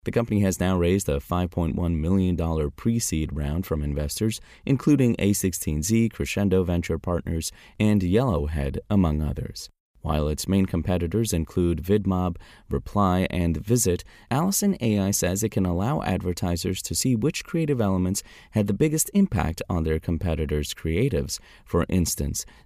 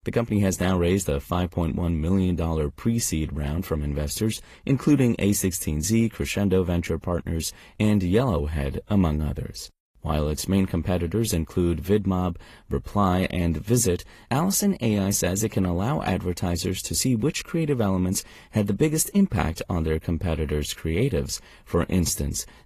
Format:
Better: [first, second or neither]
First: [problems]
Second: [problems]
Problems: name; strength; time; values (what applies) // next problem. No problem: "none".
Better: first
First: none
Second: garbled, watery; slightly; nothing above 15 kHz